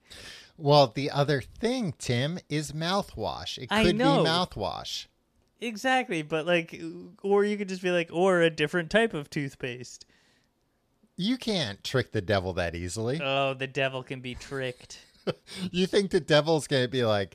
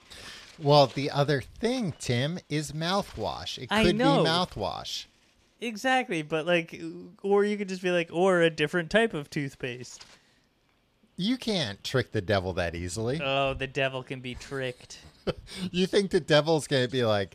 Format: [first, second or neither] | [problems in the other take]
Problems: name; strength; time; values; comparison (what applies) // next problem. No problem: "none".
first | animal sounds; faint; throughout; 25 dB below the speech